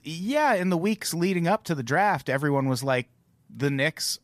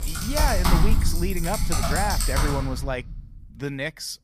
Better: first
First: none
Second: household noises; very loud; until 2.5 s; 4 dB above the speech

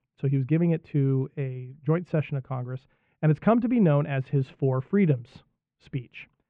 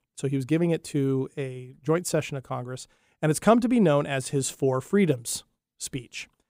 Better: second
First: muffled; very; fading above 2.5 kHz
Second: none

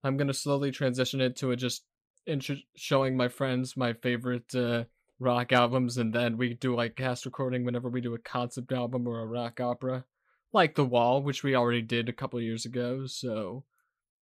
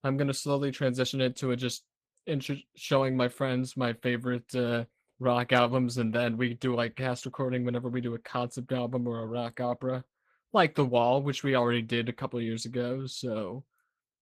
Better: first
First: none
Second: garbled, watery; slightly; nothing above 14.5 kHz

